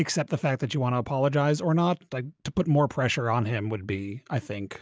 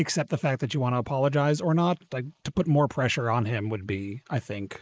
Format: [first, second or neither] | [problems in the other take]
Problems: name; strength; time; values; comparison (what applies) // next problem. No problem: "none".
first | noise reduction (neural mask model Resemble Enhance denoiser)